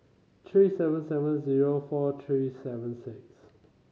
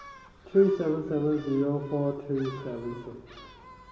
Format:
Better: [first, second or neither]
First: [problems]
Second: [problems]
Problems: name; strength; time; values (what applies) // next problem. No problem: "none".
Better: first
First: none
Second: background sound (Gull, seagull); 20 dB below the speech // room echo; dies away in 2.3 s